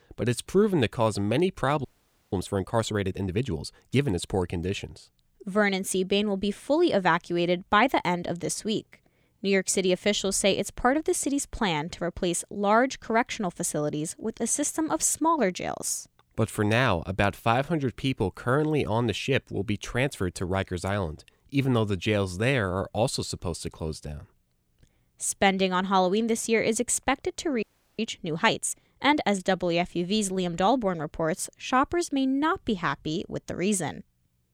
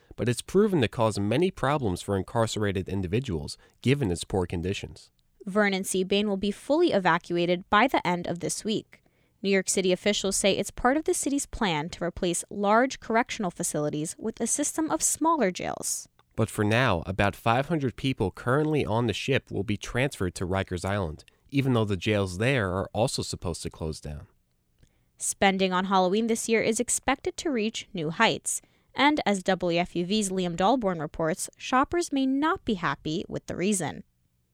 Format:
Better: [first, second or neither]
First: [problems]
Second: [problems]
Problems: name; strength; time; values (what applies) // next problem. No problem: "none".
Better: second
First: audio freezing; at 2 s and at 28 s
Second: none